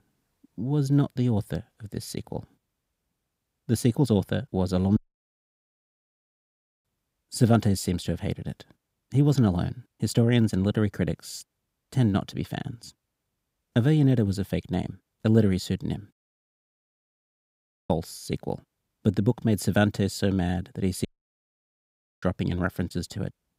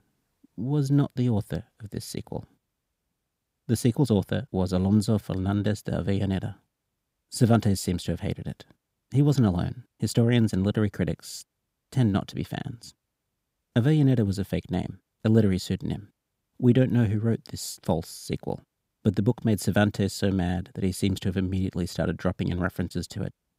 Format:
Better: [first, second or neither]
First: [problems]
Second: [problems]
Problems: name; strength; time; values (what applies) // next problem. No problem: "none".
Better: second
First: audio cutting out; at 5 s for 2 s, at 16 s for 2 s and at 21 s for 1 s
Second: none